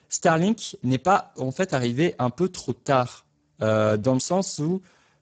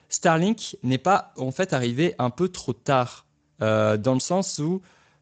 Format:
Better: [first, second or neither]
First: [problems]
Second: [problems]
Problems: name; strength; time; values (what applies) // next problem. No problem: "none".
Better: second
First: garbled, watery; badly; nothing above 7.5 kHz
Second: garbled, watery; slightly; nothing above 7.5 kHz